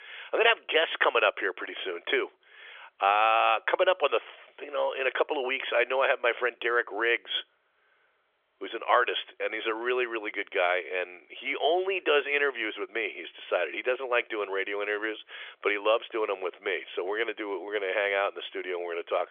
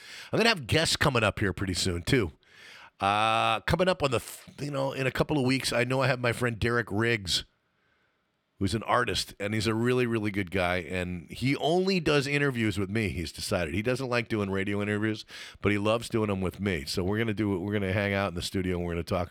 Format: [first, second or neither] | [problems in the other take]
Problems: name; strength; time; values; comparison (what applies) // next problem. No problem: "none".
second | phone-call audio; nothing above 3.5 kHz